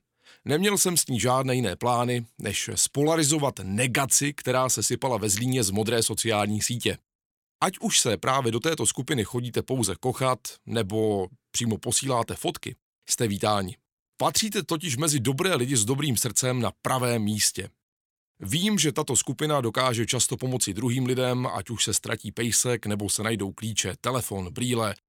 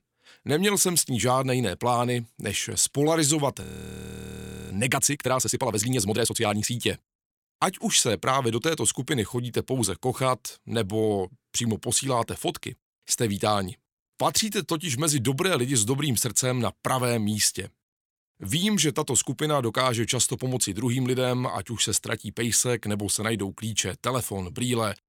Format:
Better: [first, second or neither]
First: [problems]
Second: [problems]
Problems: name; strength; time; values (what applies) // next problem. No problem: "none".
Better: first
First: none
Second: audio freezing; at 3.5 s for 1 s